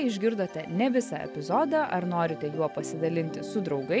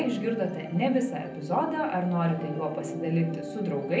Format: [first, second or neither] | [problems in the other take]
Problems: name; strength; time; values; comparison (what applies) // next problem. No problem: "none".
first | background sound (Guitar); 17 dB below the speech // room echo; dies away in 0.6 s